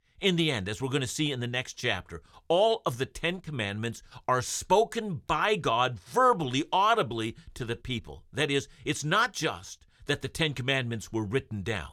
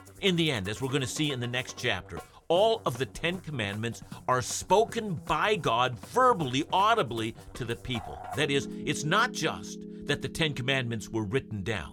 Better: first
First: none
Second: background music; noticeable; throughout; 15 dB below the speech

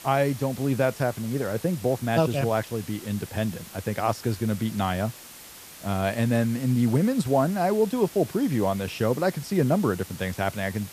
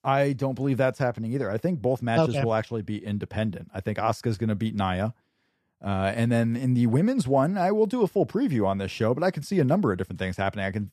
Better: second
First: hiss; noticeable; throughout; 15 dB below the speech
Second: none

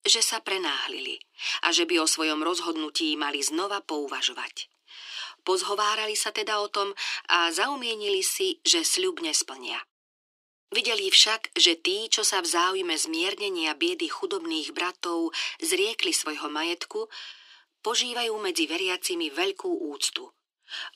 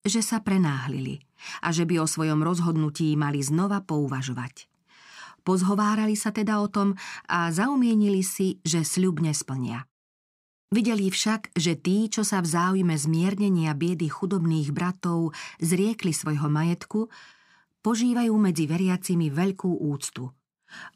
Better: second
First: thin; very; fading below 350 Hz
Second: none

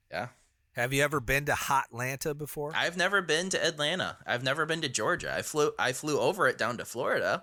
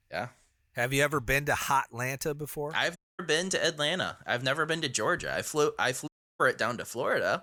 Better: first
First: none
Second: audio cutting out; at 3 s and at 6 s

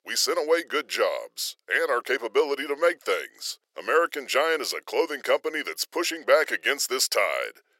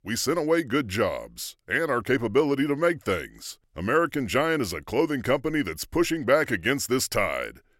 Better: second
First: thin; very; fading below 450 Hz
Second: none

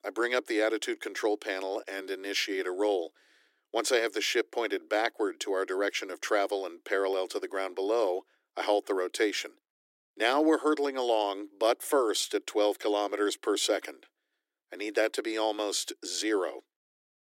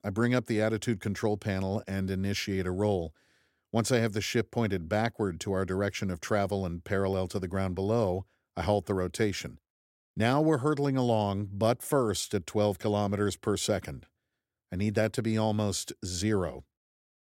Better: second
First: thin; very; fading below 300 Hz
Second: none

